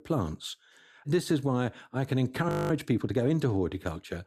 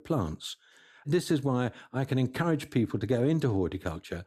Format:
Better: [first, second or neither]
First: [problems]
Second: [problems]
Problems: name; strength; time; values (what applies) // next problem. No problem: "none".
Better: second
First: audio freezing; at 2.5 s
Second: none